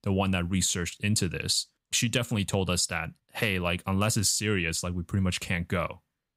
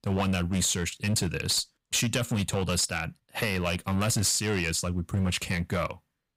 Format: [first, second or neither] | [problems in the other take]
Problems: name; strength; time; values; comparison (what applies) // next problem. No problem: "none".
first | distortion; slight; 9% of the sound clipped